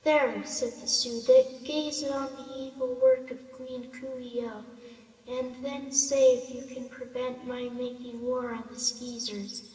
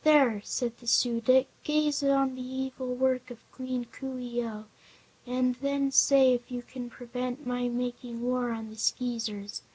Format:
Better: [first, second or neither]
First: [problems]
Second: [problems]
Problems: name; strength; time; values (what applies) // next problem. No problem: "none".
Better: second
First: room echo; dies away in 2 s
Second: none